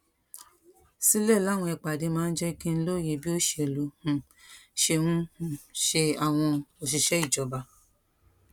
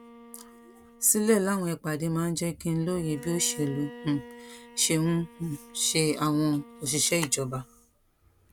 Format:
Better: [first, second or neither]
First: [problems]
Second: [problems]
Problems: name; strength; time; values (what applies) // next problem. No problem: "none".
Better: first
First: none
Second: background sound (Bowed string instrument); 20 dB below the speech